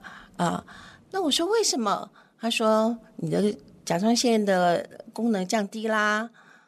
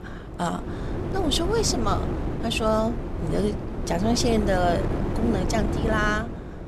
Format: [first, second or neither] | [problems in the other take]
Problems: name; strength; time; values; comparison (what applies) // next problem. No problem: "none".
first | wind noise on the microphone; heavy; 7 dB below the speech